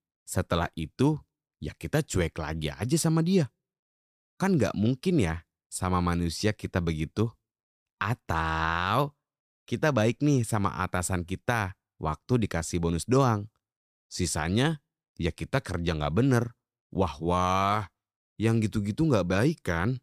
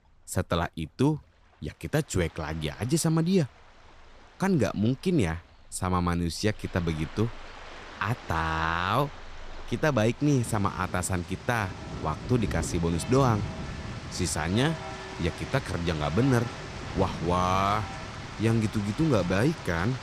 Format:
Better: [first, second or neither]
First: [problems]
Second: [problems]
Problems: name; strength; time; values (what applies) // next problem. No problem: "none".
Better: first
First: none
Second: rain or running water; noticeable; throughout; 10 dB below the speech